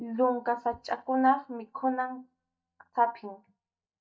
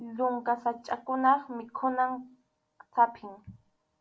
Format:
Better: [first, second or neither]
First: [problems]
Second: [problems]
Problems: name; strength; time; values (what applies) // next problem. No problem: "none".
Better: second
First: noise reduction (neural mask model DeepFilterNet 3)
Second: none